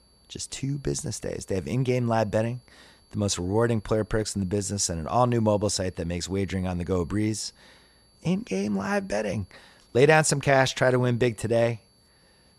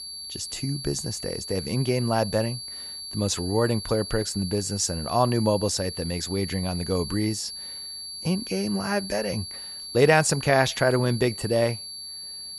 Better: first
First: high-pitched whine; faint; throughout; 4.5 kHz, 35 dB below the speech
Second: high-pitched whine; loud; throughout; 4.5 kHz, 9 dB below the speech

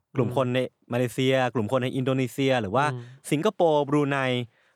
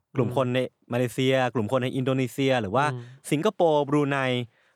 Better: neither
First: none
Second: none

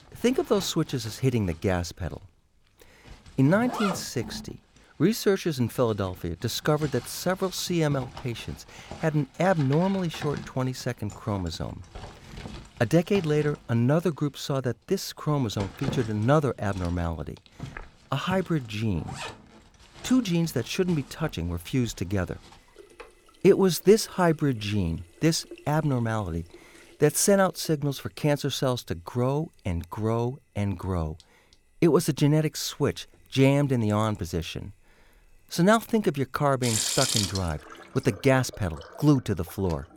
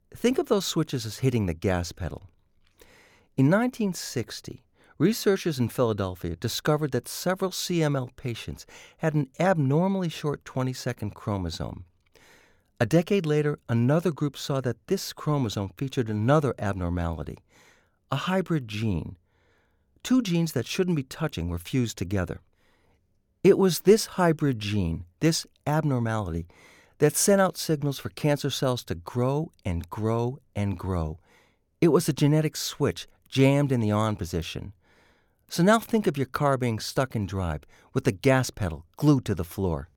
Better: second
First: household noises; noticeable; throughout; 10 dB below the speech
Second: none

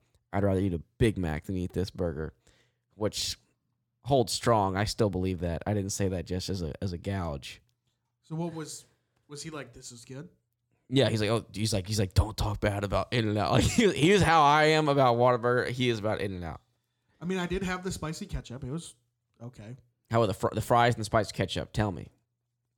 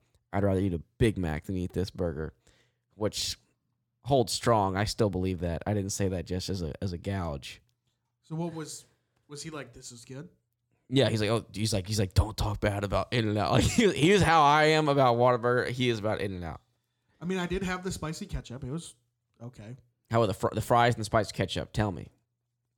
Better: neither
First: none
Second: none

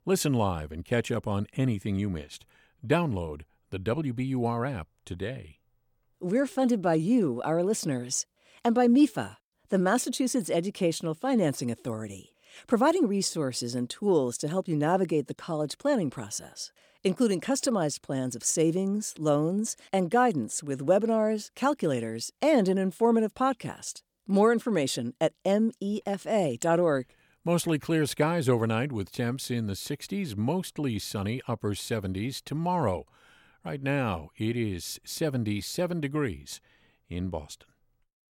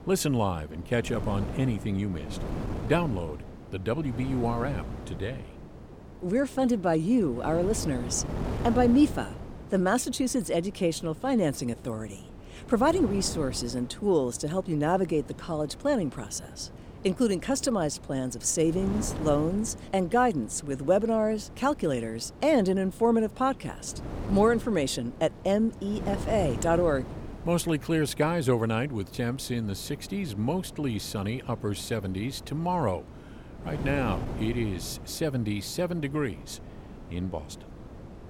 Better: first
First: none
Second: wind noise on the microphone; occasional gusts; 15 dB below the speech

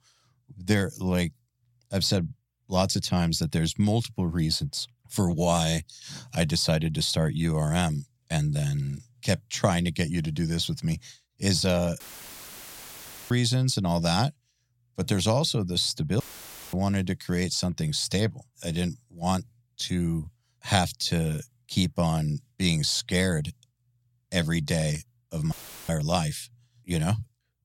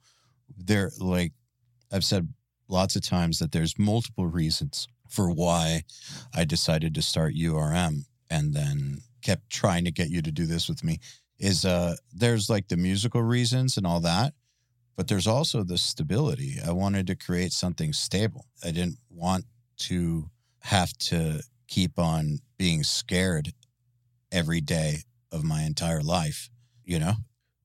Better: second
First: audio cutting out; filled with static; at 12 s for 1.5 s, at 16 s for 0.5 s and at 26 s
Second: none

